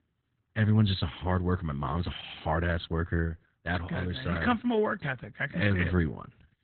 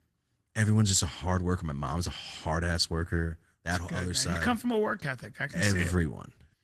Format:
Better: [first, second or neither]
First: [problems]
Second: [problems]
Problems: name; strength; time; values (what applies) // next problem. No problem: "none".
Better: second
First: garbled, watery; badly; nothing above 4 kHz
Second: garbled, watery; slightly; nothing above 12 kHz